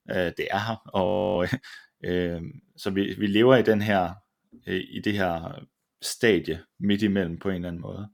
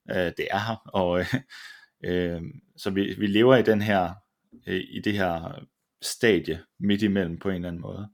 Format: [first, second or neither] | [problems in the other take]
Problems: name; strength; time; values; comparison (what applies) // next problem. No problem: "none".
second | audio freezing; at 1 s